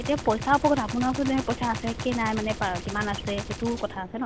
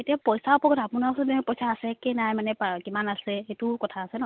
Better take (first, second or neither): second